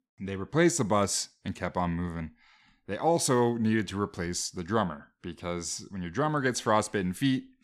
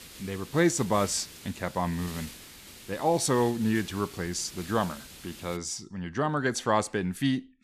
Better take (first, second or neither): first